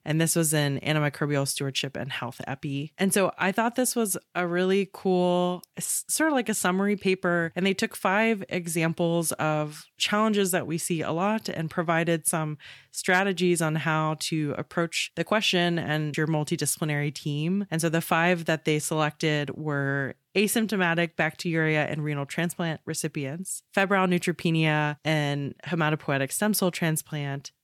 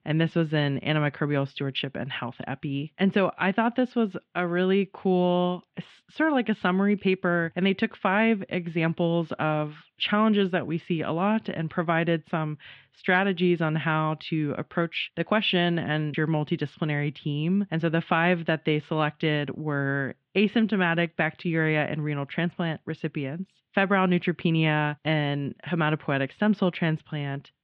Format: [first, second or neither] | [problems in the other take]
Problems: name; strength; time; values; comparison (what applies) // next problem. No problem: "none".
first | muffled; very; fading above 3.5 kHz